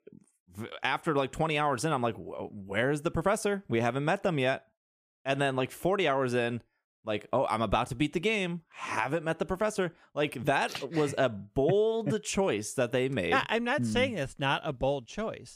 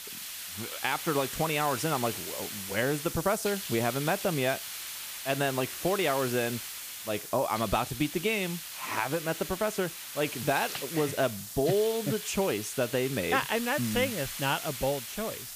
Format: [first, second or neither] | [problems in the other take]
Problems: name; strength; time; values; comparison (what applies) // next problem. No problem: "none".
first | hiss; loud; throughout; 7 dB below the speech